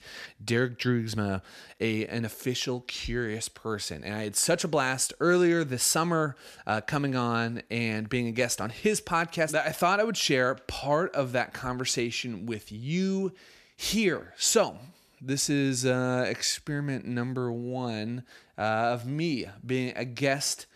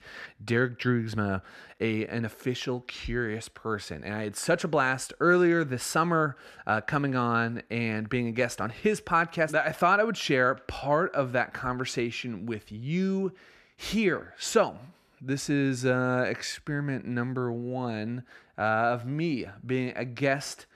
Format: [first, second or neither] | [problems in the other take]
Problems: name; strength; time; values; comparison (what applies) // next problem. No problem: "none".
first | muffled; slightly; fading above 3.5 kHz